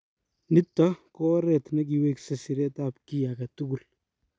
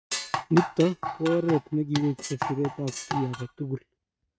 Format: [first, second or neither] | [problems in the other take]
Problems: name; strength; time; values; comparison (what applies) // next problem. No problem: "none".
first | noise reduction (neural mask model RNNoise)